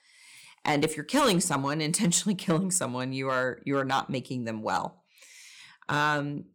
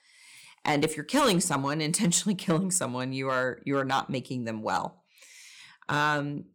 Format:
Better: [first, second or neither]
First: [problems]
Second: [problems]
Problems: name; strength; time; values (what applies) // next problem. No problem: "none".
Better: neither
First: distortion; slight; 2% of the sound clipped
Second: distortion; slight; 2% of the sound clipped